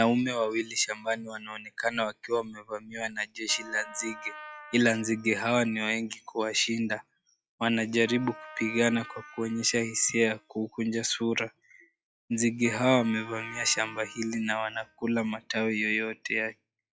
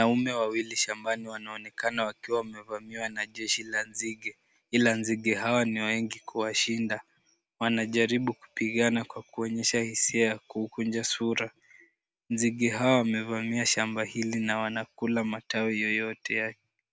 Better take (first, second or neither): second